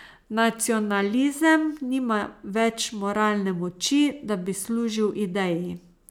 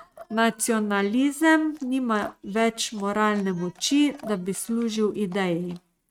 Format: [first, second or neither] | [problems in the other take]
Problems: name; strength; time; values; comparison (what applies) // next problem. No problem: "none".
first | noise reduction (neural mask model RNNoise)